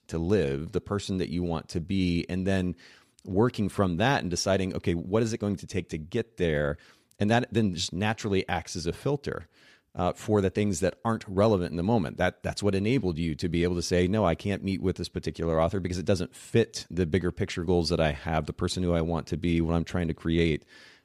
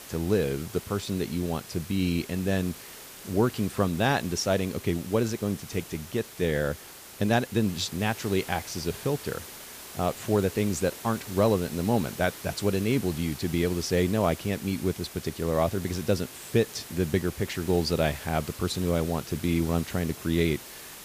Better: first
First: none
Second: hiss; noticeable; throughout; 15 dB below the speech

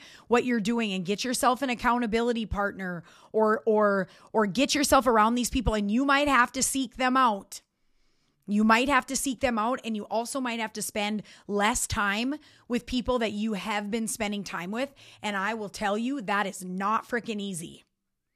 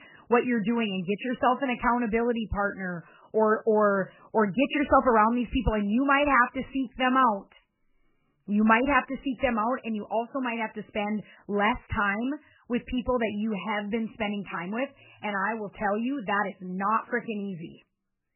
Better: first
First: none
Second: garbled, watery; badly; nothing above 3 kHz

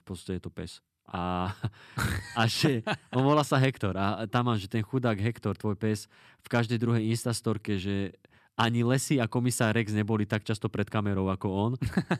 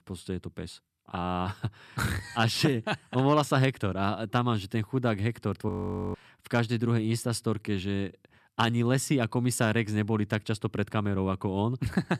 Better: first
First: none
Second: audio freezing; at 5.5 s

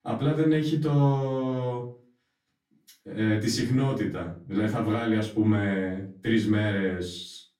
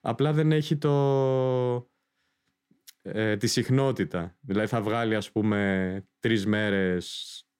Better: second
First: off-mic speech; far // room echo; slight; dies away in 0.3 s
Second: none

